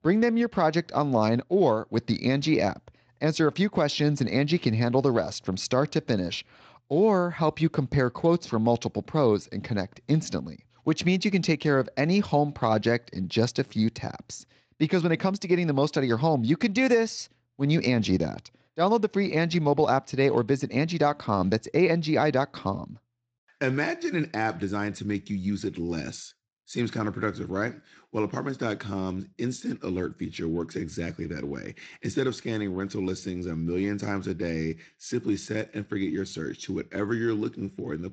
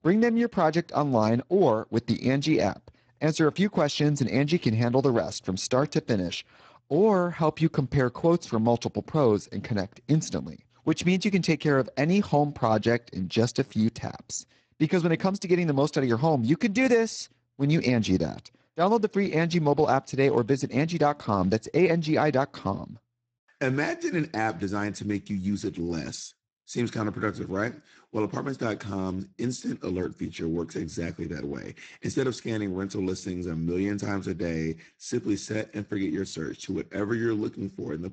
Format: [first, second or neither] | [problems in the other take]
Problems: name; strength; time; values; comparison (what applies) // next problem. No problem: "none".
first | garbled, watery; badly; nothing above 7.5 kHz; slightly in the first